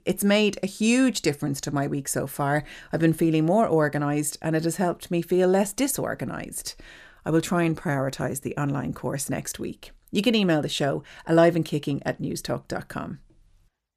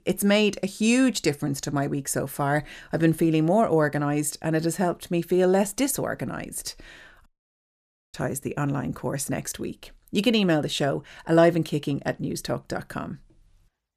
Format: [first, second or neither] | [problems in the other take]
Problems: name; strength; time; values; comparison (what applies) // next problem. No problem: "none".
first | audio cutting out; at 7.5 s for 1 s